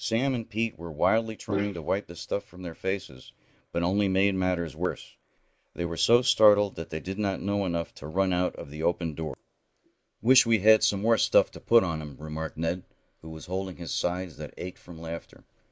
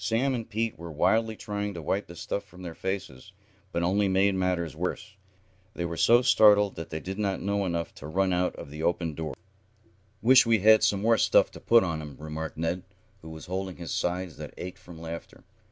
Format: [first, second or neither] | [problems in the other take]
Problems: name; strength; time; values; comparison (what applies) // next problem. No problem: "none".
second | noise reduction (neural mask model Resemble Enhance denoiser)